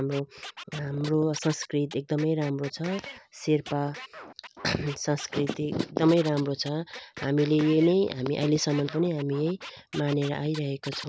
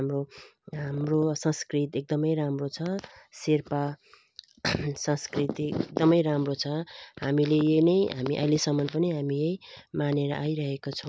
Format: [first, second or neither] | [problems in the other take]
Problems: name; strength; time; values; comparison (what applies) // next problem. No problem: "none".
second | background sound (Scratching (performance technique)); 17 dB below the speech